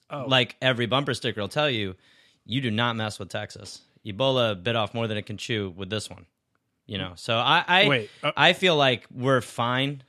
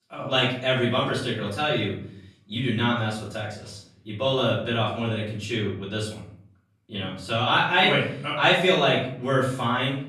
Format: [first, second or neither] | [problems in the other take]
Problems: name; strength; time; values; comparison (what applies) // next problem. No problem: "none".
first | off-mic speech; far // room echo; noticeable; dies away in 0.5 s